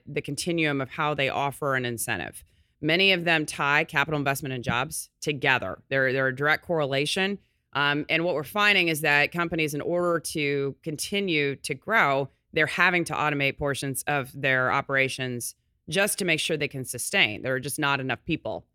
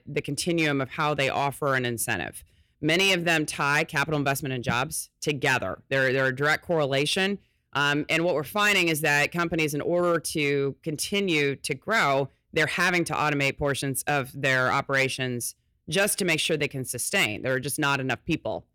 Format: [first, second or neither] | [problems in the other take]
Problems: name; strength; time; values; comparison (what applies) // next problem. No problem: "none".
first | distortion; slight; 3% of the sound clipped